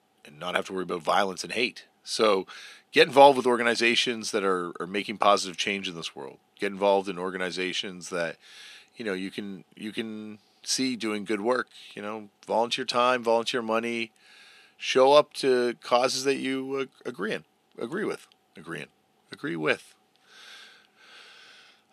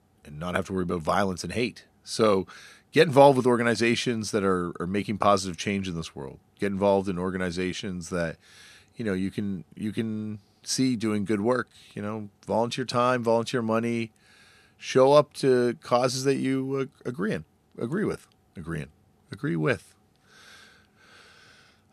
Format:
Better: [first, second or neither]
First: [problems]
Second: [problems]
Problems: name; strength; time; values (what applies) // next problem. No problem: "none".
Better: second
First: thin; very slightly; fading below 300 Hz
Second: none